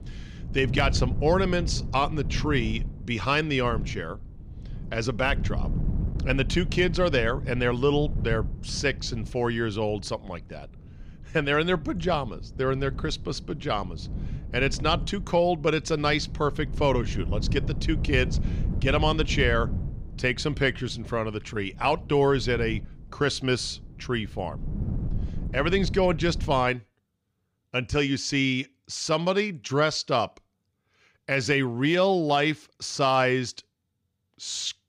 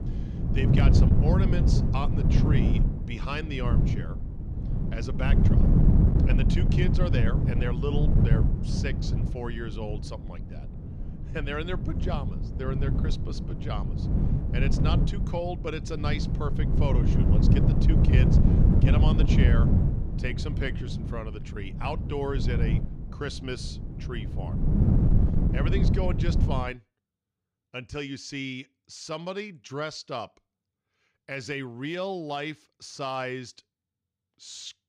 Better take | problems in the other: first | wind noise on the microphone; heavy; until 27 s; 1 dB below the speech; occasional gusts in the first

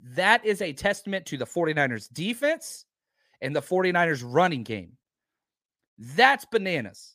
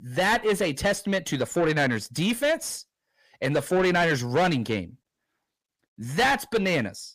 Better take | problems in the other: first | distortion; heavy; 6 dB below the speech

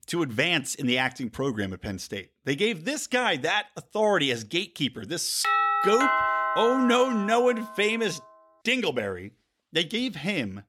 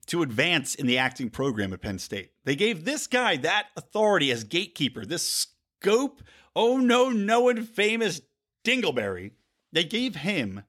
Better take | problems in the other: second | doorbell; loud; from 5.5 to 7.5 s; peak 4 dB above the speech

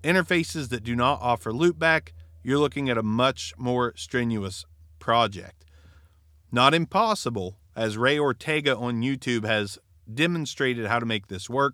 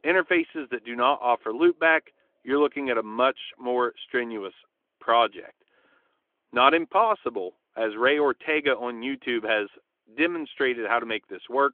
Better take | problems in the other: first | phone-call audio; nothing above 3.5 kHz

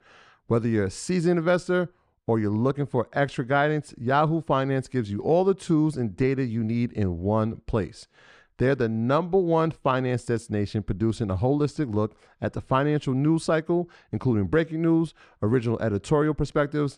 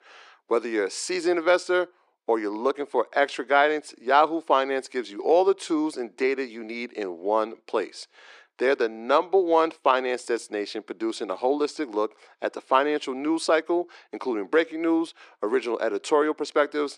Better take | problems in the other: first | thin; very; fading below 300 Hz

